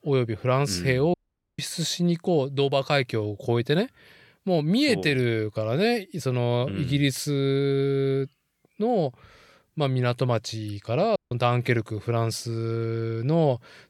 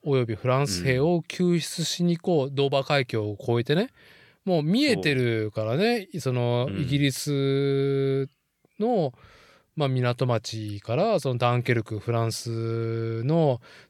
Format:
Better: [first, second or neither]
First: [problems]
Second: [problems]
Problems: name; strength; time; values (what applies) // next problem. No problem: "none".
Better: second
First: audio cutting out; at 1 s and at 11 s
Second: none